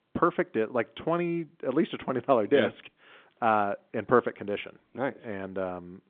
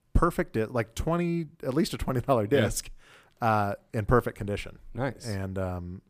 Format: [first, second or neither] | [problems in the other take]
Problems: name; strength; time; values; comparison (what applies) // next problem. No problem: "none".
second | phone-call audio; nothing above 3.5 kHz